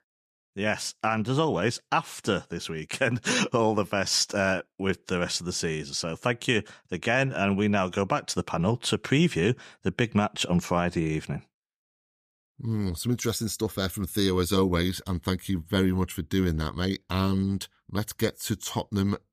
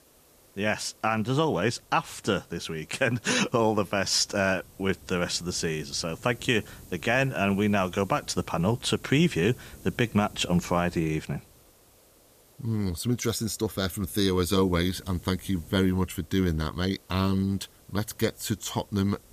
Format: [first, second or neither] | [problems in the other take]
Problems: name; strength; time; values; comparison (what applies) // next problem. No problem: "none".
first | hiss; faint; throughout; 25 dB below the speech